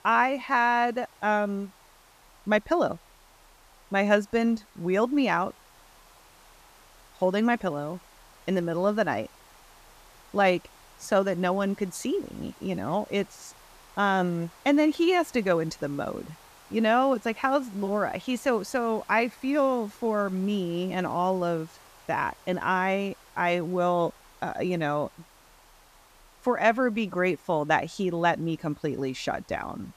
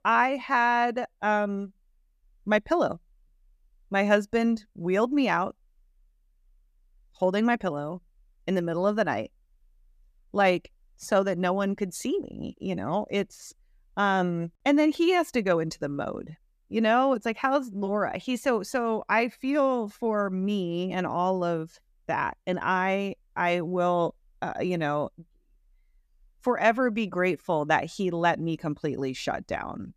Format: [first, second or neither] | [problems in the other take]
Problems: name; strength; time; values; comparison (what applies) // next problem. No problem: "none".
second | hiss; faint; throughout; 25 dB below the speech